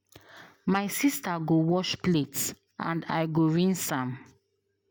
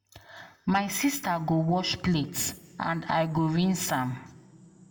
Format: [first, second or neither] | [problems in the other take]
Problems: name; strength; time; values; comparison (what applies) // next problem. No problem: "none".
first | room echo; dies away in 0.6 s